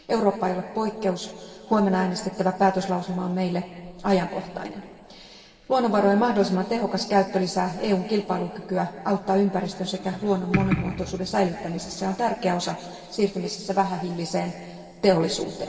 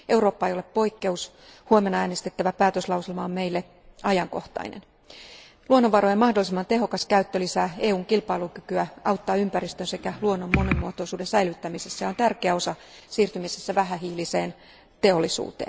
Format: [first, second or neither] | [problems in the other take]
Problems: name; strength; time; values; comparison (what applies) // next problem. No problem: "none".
second | room echo; dies away in 2.4 s